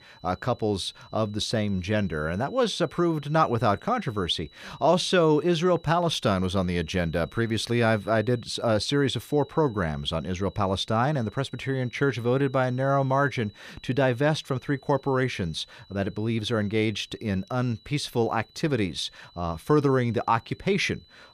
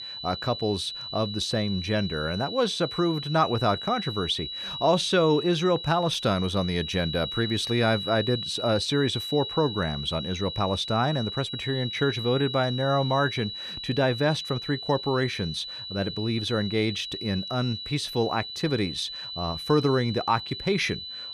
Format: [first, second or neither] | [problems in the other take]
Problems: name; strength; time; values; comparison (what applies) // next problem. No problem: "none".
first | high-pitched whine; loud; throughout; 4 kHz, 7 dB below the speech; faint in the first